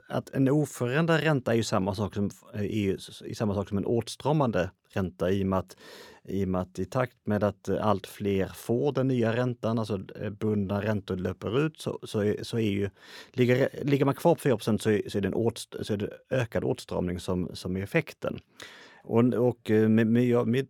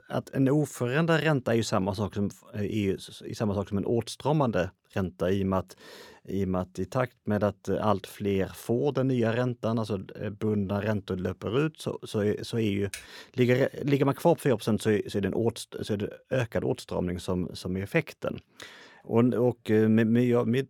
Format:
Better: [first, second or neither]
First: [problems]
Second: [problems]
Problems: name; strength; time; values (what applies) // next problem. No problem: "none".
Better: first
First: none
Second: keyboard typing; faint; at 13 s; peak 15 dB below the speech